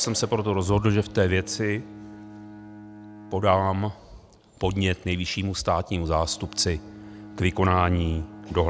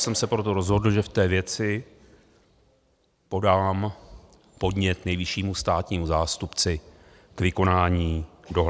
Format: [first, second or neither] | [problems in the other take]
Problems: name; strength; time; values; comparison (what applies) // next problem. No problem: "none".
second | background sound (Bowed string instrument); 19 dB below the speech